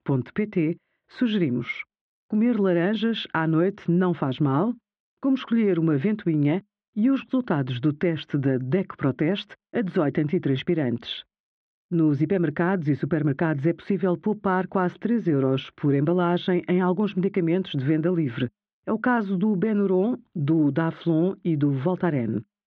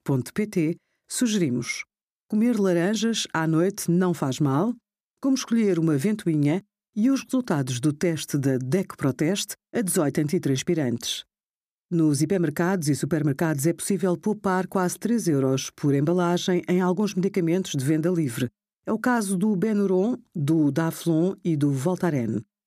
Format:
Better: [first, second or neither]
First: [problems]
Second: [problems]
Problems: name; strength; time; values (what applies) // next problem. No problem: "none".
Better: second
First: muffled; very; fading above 3.5 kHz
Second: none